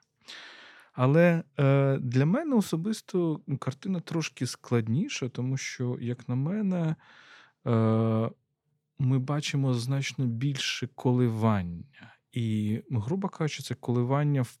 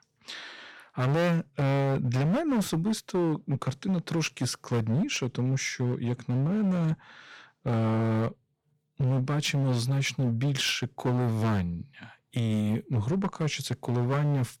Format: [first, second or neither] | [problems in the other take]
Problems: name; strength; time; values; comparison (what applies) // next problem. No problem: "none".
first | distortion; heavy; 17% of the sound clipped